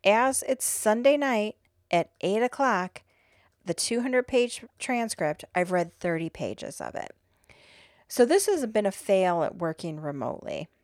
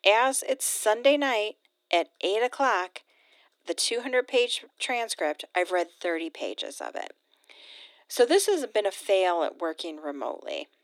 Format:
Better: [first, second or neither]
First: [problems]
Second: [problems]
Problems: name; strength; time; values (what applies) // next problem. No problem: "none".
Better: first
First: none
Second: thin; very slightly; fading below 300 Hz